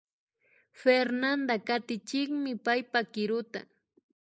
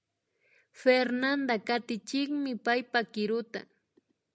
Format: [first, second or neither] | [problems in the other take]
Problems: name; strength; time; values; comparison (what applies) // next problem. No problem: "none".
second | noise reduction (neural mask model Resemble Enhance denoiser)